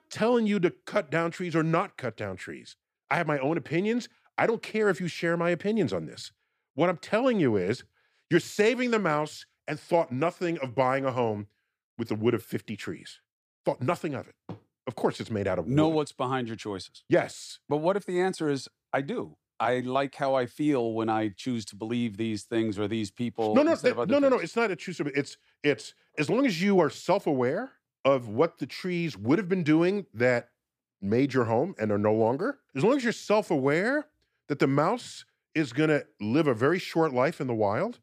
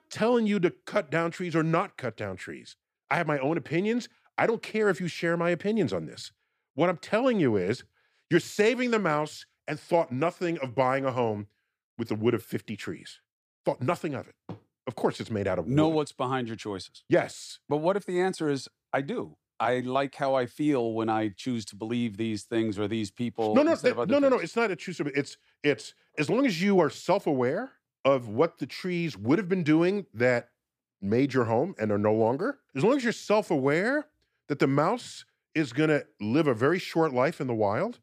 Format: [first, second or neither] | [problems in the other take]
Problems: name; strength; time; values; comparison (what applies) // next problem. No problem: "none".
neither | none